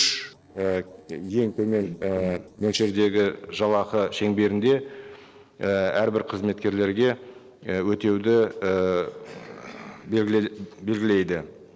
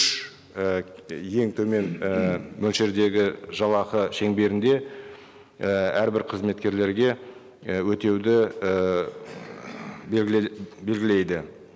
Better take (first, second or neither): second